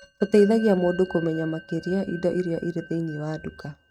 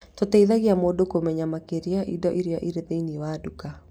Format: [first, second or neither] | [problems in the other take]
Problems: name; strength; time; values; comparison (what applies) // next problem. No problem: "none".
second | noise reduction (neural mask model RNNoise)